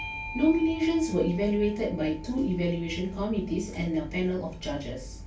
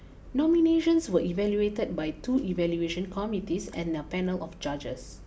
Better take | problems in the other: second | background sound (Bell / Doorbell); 17 dB below the speech // room echo; dies away in 0.2 s

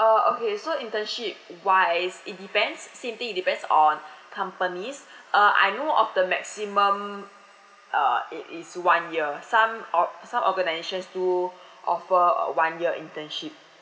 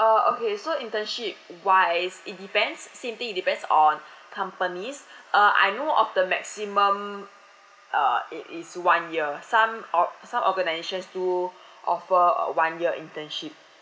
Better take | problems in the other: second | room echo; dies away in 2.2 s

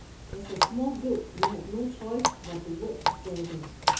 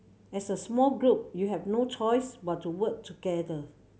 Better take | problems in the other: second | background sound (Water tap, faucet); 2 dB above the speech // room echo; dies away in 0.6 s

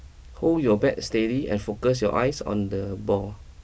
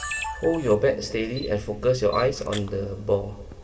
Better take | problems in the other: first | background sound (Camera); 14 dB below the speech // room echo; dies away in 1.8 s

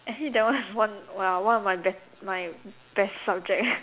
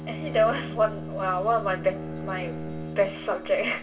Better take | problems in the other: first | background sound (Bowed string instrument); 8 dB below the speech // room echo; dies away in 0.2 s

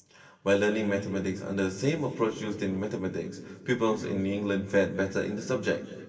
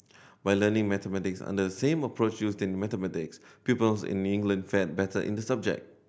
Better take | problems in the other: second | room echo; dies away in 2.4 s

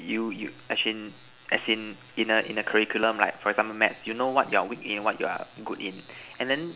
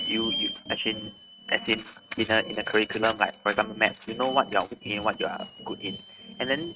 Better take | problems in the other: first | noise reduction (neural mask model RNNoise)

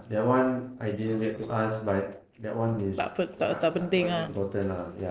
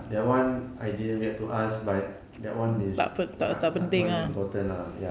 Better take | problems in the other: second | noise reduction (neural separator model SepFormer DNS4)

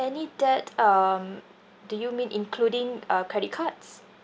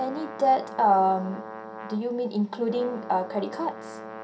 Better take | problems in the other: first | background sound (Brass instrument); 13 dB below the speech // room echo; dies away in 0.3 s

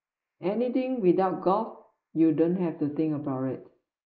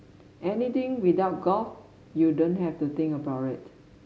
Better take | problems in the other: second | noise reduction (neural mask model Resemble Enhance denoiser)

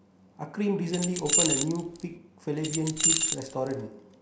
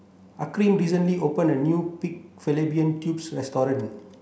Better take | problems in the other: second | background sound (Keys jangling); 3 dB above the speech

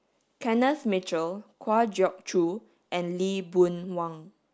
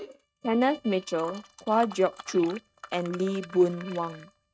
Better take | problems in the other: first | noise reduction (neural mask model RNNoise)

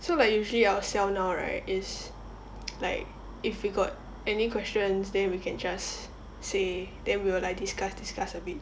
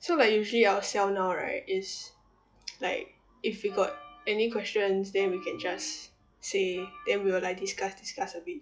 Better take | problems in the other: first | noise reduction (classical method log-MMSE)

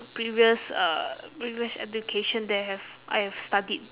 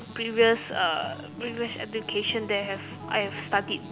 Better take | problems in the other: first | background sound (Acoustic guitar); 13 dB below the speech

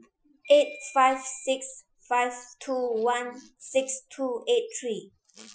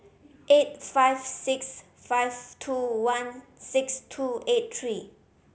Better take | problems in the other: second | noise reduction (classical method Wiener filter)

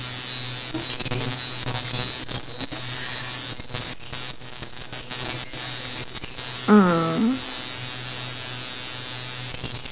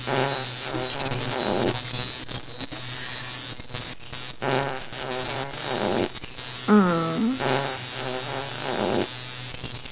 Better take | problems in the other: first | background sound (Fart); 2 dB above the speech

